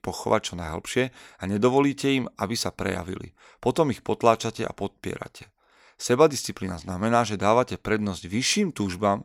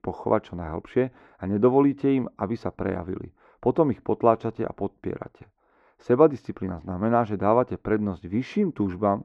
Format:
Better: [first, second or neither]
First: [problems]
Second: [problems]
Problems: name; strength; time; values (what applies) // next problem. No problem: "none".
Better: first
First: none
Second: muffled; very; fading above 3.5 kHz